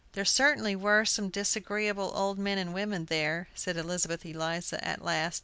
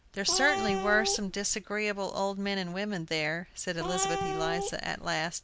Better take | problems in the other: first | background sound (Cat); 3 dB below the speech

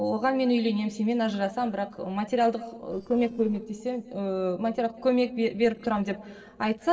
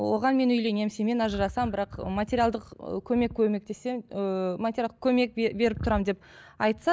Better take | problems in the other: second | noise reduction (neural separator model SepFormer DNS4)

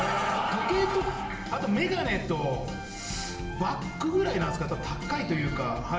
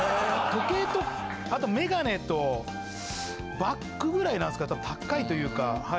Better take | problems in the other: second | room echo; dies away in 0.8 s

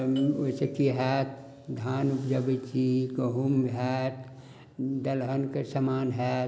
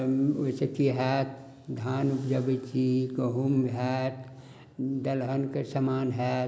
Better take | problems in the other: second | background sound (Doorbell); 20 dB below the speech

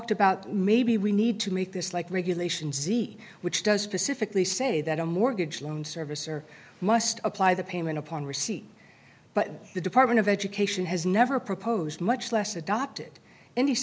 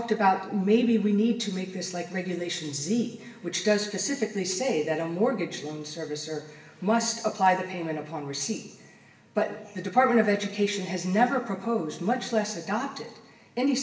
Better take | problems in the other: first | room echo; dies away in 1.1 s

